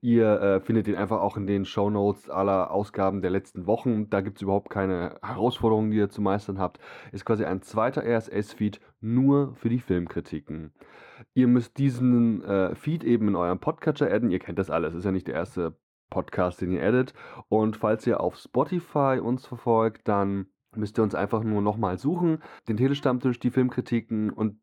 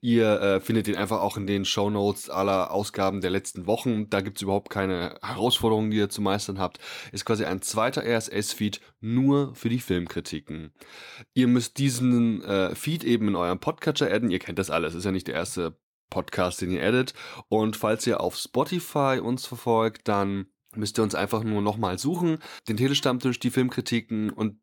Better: second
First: muffled; very; fading above 2.5 kHz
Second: none

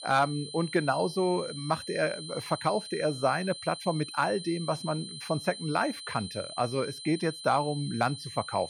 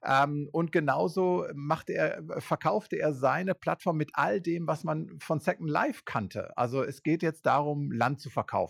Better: second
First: high-pitched whine; loud; throughout; 4 kHz, 10 dB below the speech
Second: none

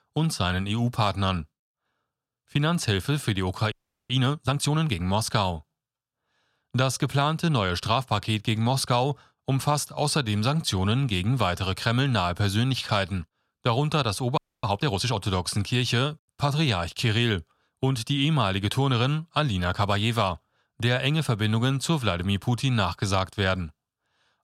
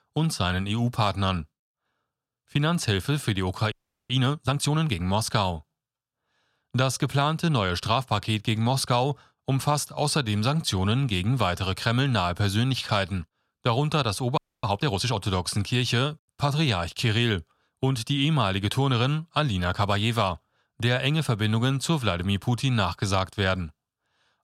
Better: neither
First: audio freezing; at 3.5 s and at 14 s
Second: audio freezing; at 3.5 s and at 14 s

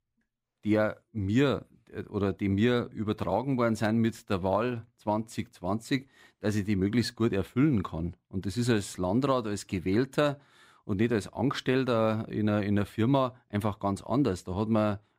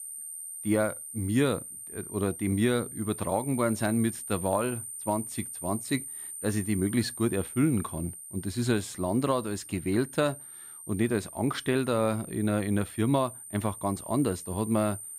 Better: first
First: none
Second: high-pitched whine; loud; throughout; 9 kHz, 10 dB below the speech

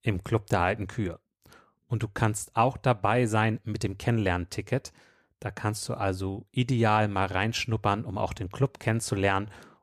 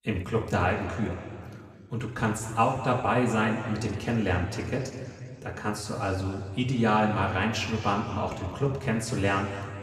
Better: first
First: none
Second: room echo; noticeable; dies away in 2.2 s // off-mic speech; somewhat distant

